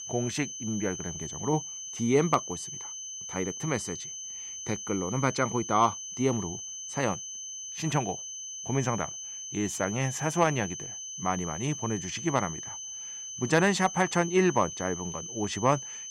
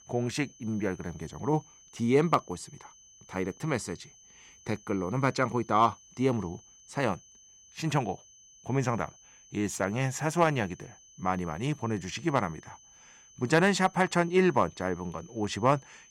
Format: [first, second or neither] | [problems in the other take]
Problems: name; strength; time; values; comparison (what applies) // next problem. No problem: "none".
second | high-pitched whine; loud; throughout; 6 kHz, 7 dB below the speech; faint in the second